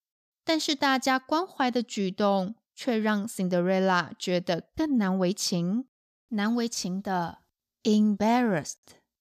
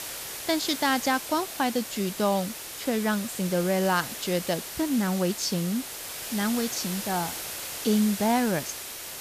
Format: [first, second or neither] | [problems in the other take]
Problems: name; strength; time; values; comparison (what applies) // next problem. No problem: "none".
first | hiss; loud; throughout; 7 dB below the speech